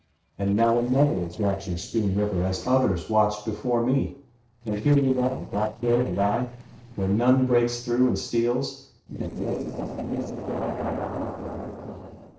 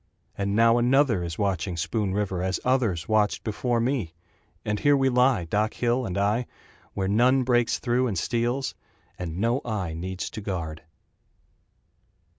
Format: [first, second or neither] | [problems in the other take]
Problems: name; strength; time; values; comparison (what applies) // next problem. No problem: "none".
second | noise reduction (neural separator model SepFormer DNS4)